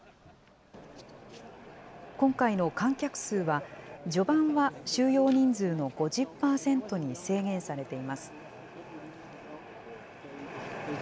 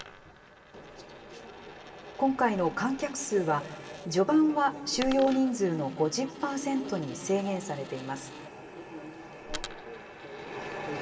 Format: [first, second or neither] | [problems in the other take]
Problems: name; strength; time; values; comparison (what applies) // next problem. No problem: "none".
first | background sound (Coin (dropping)); 17 dB below the speech // room echo; dies away in 2.9 s